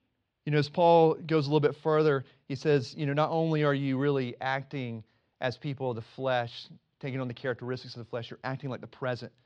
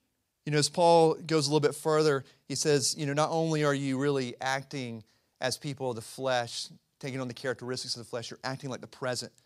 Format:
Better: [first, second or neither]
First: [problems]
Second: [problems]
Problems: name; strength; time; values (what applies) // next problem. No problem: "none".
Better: second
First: muffled; slightly; fading above 3.5 kHz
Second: none